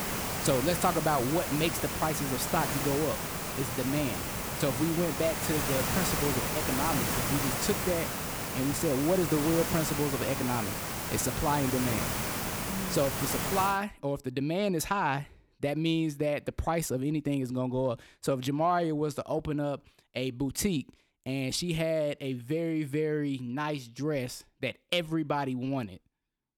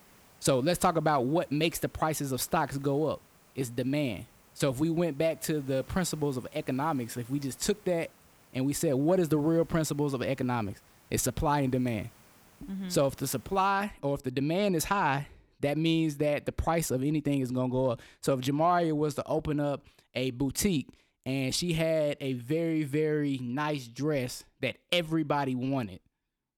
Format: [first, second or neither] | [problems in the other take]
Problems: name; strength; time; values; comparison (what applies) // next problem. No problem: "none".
second | hiss; loud; until 14 s; 1 dB below the speech; faint in the second